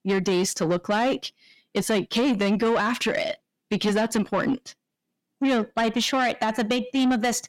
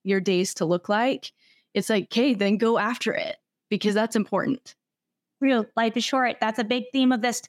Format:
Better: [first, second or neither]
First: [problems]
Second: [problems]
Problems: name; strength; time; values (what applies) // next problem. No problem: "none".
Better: second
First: distortion; slight; 10 dB below the speech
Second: none